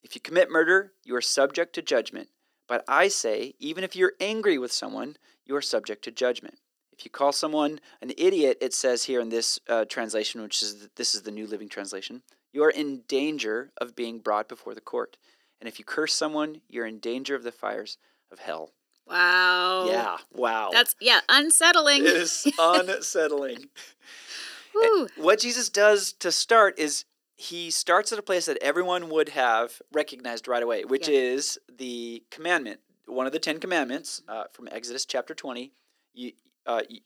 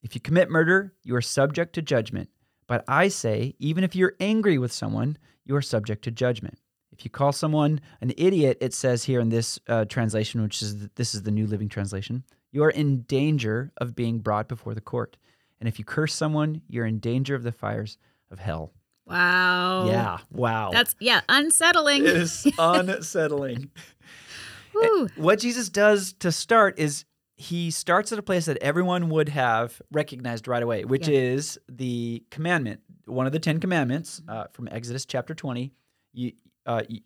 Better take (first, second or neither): second